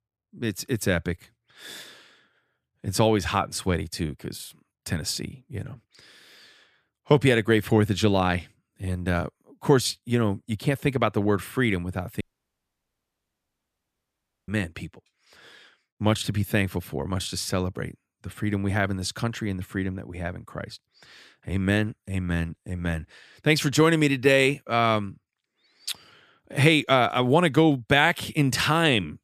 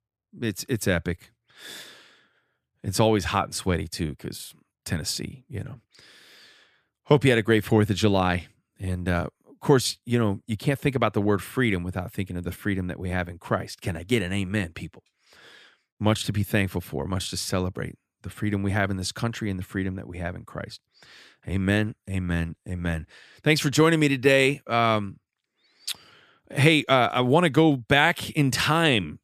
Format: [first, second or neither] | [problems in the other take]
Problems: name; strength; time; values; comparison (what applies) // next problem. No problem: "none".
second | audio cutting out; at 12 s for 2.5 s